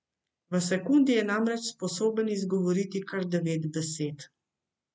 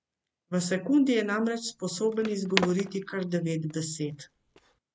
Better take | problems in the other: first | background sound (Skateboard); 10 dB below the speech

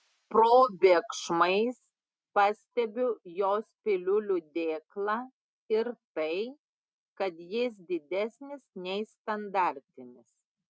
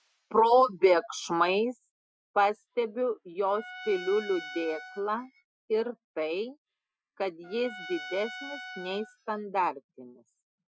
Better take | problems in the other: first | noise reduction (classical method Wiener filter)

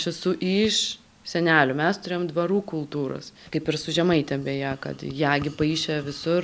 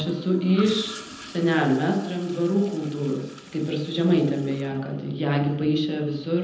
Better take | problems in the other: first | background sound (Toilet flush / Gurgling); 20 dB below the speech // room echo; dies away in 0.8 s

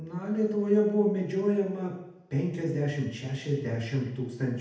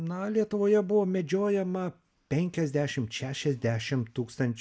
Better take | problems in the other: second | room echo; dies away in 0.8 s

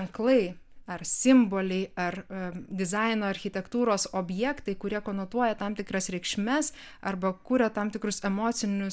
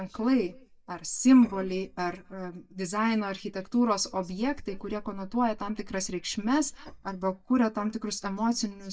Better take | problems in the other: first | noise reduction (neural mask model DeepFilterNet 3)

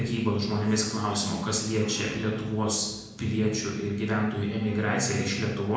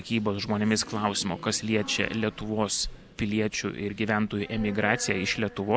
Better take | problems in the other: second | room echo; dies away in 0.9 s

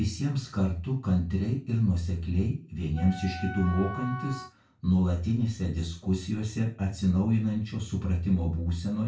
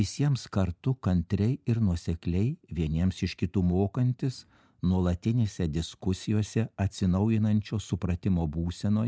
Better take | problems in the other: second | background sound (Wind instrument, woodwind instrument); 12 dB below the speech // room echo; dies away in 0.3 s

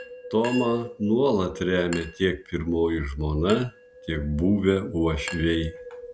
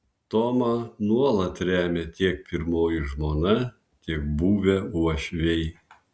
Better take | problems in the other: second | background sound (Wind + Chink, clink); 15 dB below the speech

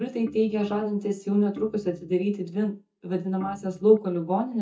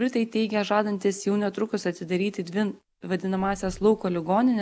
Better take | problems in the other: second | noise reduction (neural mask model DeepFilterNet 3)

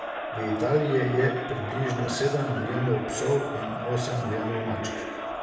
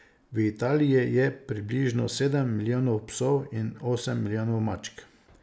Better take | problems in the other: second | background sound (Crowd); 6 dB below the speech // room echo; dies away in 0.9 s

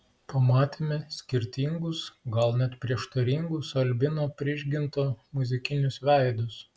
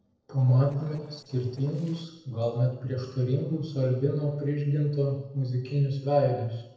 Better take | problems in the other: first | noise reduction (neural separator model SepFormer DNS4)

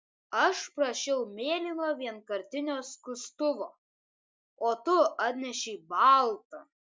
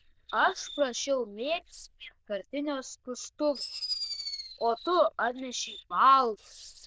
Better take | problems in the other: first | noise reduction (neural diffusion model UNIVERSE++)

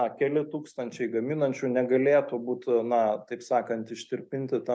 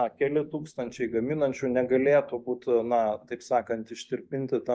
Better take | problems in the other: first | noise reduction (neural mask model DeepFilterNet 3)

